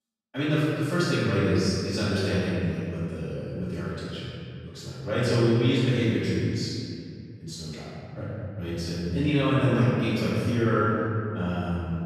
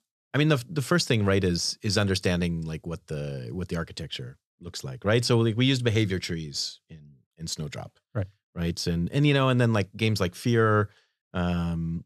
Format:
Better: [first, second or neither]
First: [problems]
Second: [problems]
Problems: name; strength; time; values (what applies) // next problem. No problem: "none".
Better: second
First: off-mic speech; far // room echo; strong; dies away in 2.5 s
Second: none